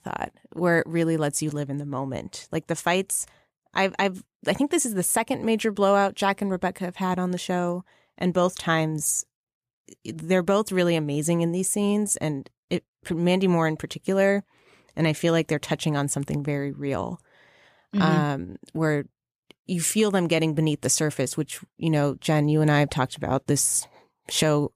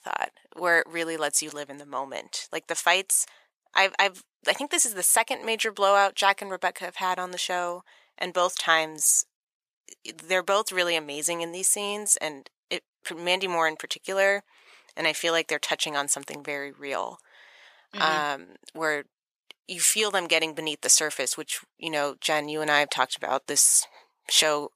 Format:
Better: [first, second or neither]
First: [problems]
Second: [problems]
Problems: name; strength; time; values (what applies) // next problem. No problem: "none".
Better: first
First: none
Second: thin; very; fading below 700 Hz